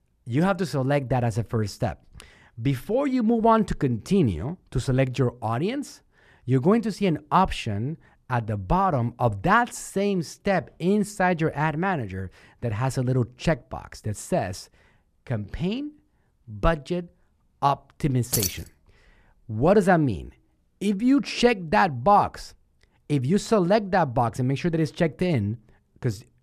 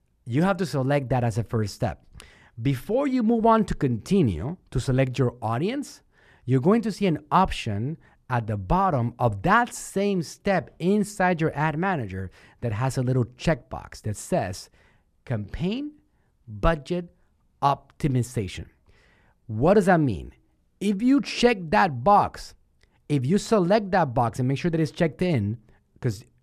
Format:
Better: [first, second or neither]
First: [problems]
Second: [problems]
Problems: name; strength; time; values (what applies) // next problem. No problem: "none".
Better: second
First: jangling keys; noticeable; at 18 s; peak 1 dB below the speech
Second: none